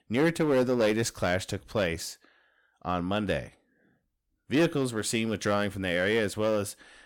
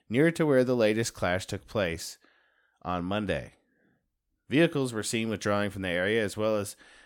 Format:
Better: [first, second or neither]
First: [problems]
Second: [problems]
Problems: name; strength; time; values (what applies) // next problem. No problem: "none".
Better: second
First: distortion; slight; 6% of the sound clipped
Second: none